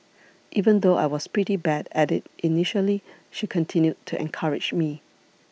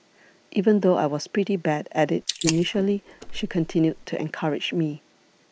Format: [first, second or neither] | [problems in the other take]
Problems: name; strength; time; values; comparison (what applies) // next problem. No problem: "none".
first | noise reduction (neural mask model Resemble Enhance denoiser)